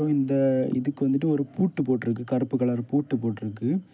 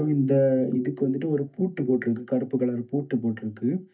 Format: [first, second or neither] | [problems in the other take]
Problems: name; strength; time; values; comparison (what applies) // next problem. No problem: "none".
first | noise reduction (neural mask model DeepFilterNet 3)